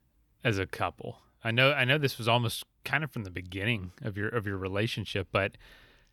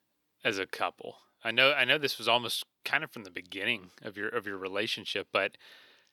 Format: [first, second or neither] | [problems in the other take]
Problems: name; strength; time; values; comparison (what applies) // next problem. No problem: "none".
first | thin; somewhat; fading below 300 Hz